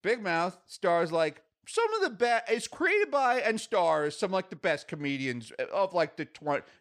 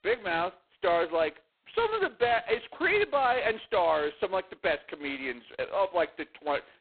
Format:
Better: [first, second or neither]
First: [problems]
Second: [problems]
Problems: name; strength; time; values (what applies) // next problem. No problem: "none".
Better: first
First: none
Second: phone-call audio; poor line; nothing above 4 kHz